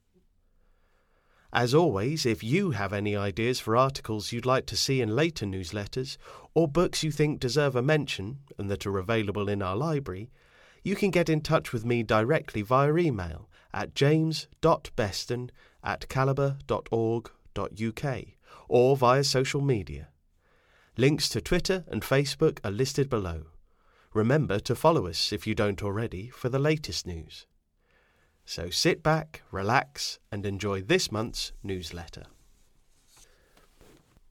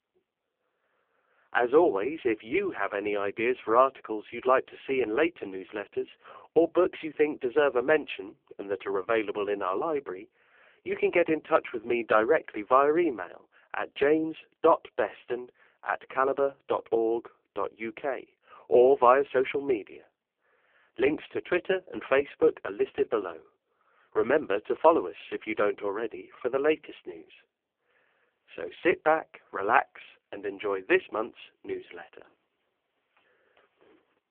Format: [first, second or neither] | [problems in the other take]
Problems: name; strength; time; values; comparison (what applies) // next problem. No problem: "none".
first | phone-call audio; poor line